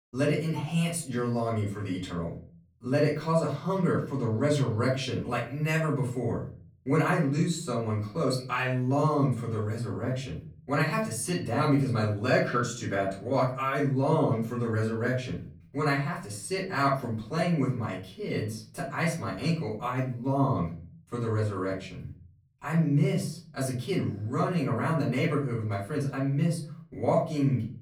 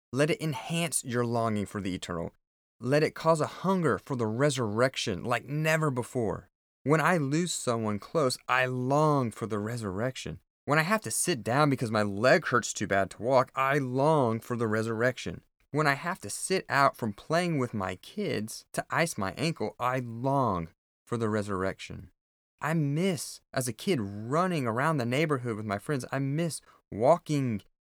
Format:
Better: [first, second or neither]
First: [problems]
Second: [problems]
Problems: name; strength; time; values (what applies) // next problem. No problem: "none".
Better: second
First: off-mic speech; far // room echo; slight; dies away in 0.5 s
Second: none